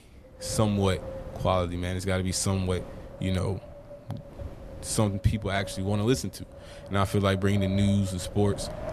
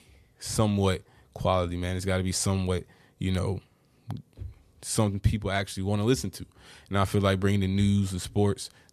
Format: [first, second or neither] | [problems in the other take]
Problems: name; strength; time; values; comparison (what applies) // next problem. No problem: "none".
second | wind noise on the microphone; occasional gusts; 10 dB below the speech